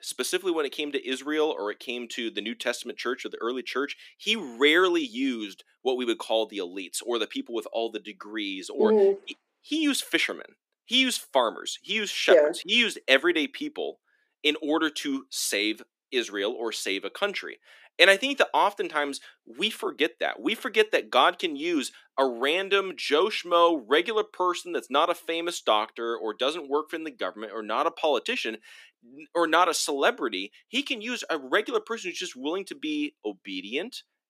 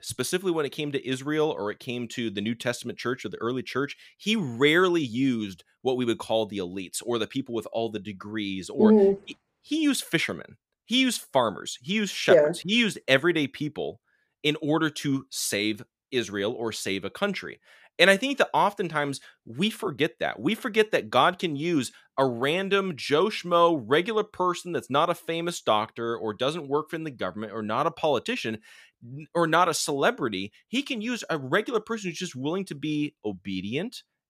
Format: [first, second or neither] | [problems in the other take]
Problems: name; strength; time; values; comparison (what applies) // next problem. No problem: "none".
second | thin; very slightly; fading below 250 Hz